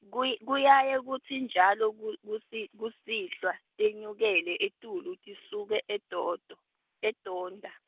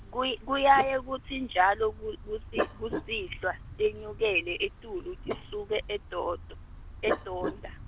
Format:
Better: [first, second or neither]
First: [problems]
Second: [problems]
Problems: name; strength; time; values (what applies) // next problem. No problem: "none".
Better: first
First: none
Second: background sound (Dog); 9 dB below the speech